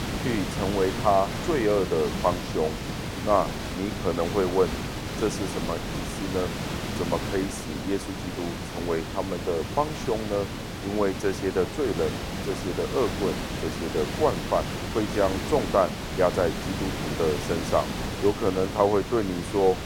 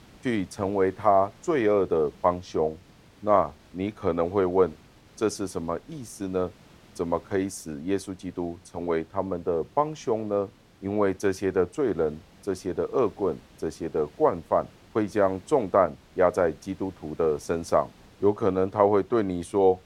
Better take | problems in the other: second | hiss; loud; throughout; 5 dB below the speech; faint in the second

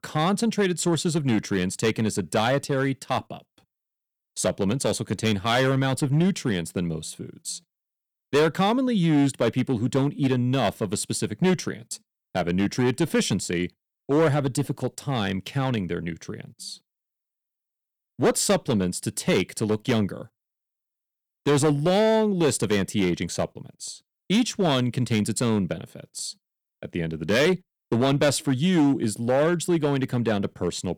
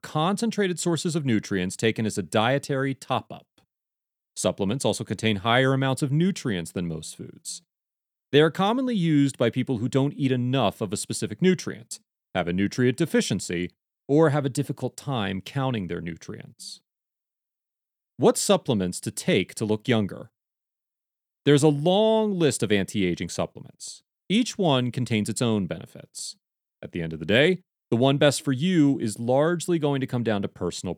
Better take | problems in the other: second | distortion; slight; 5% of the sound clipped

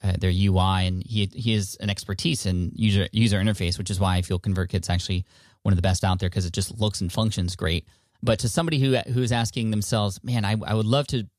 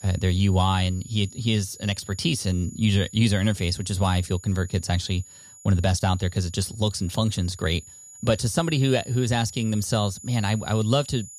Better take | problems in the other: first | high-pitched whine; noticeable; throughout; 7 kHz, 20 dB below the speech

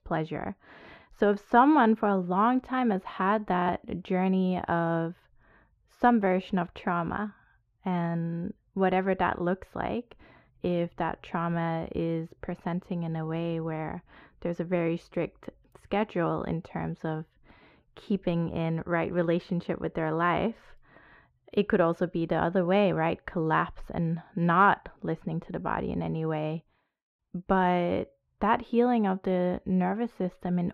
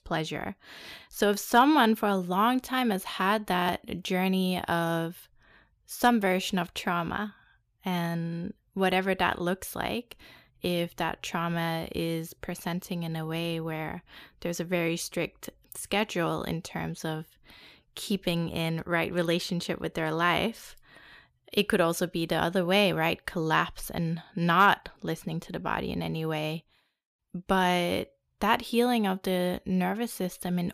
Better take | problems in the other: second | muffled; very; fading above 4 kHz

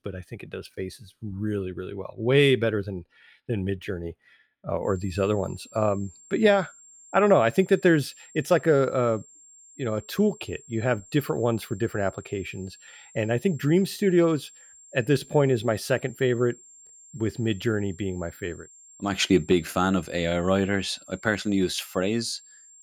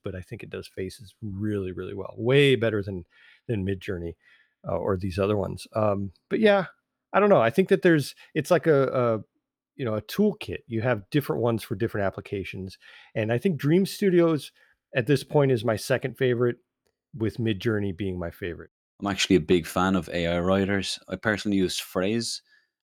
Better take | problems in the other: second | high-pitched whine; faint; from 5 s on; 7.5 kHz, 25 dB below the speech

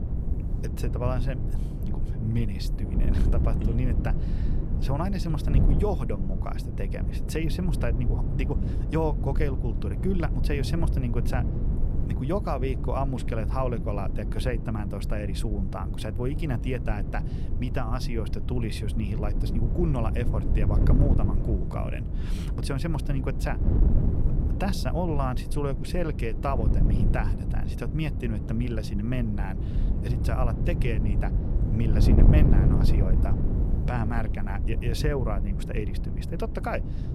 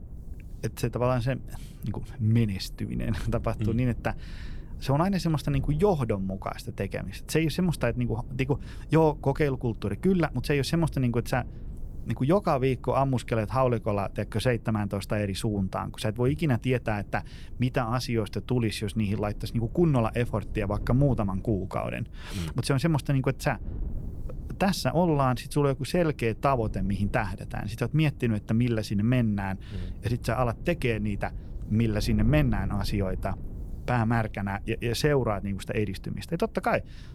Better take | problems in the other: second | wind noise on the microphone; heavy; 5 dB below the speech; occasional gusts in the second

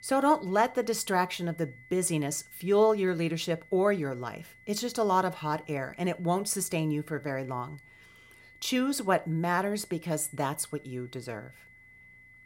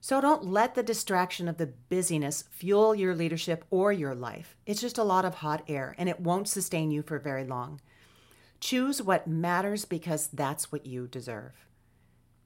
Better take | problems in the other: second | high-pitched whine; faint; throughout; 2 kHz, 25 dB below the speech

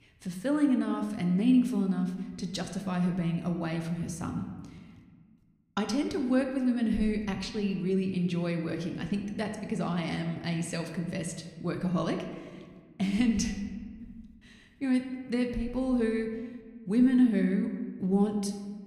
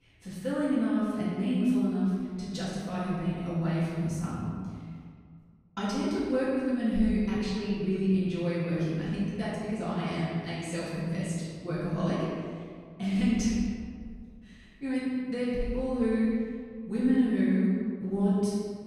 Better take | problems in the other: first | room echo; strong; dies away in 1.7 s; slight in the first // off-mic speech; far

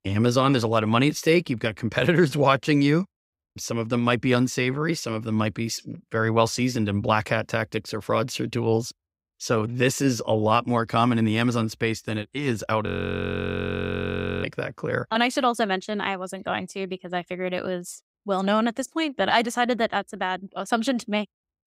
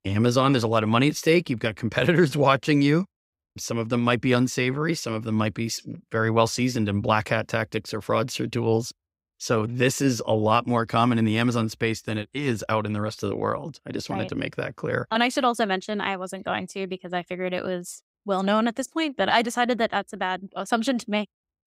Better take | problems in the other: second | audio freezing; at 13 s for 1.5 s

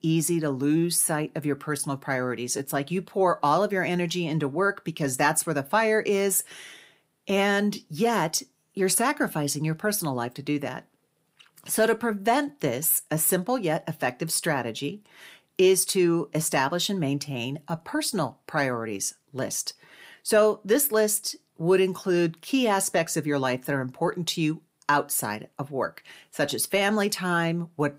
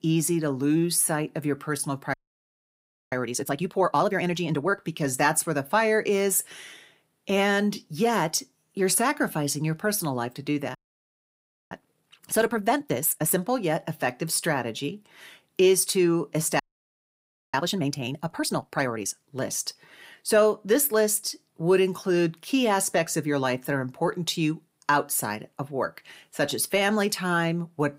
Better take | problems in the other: first | audio freezing; at 2 s for 1 s, at 11 s for 1 s and at 17 s for 1 s

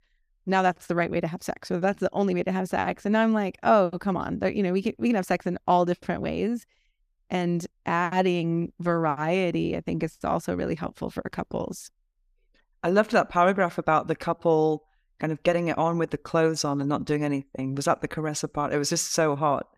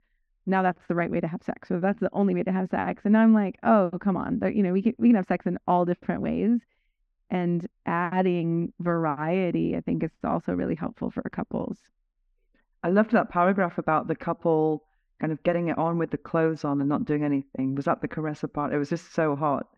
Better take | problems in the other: first | muffled; very; fading above 2 kHz

